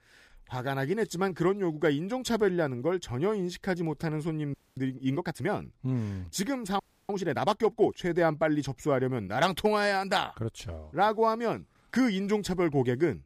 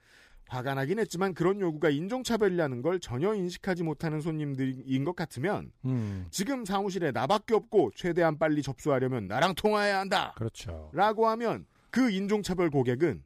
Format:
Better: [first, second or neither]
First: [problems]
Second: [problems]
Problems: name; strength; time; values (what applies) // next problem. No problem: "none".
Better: second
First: audio freezing; at 4.5 s and at 7 s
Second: none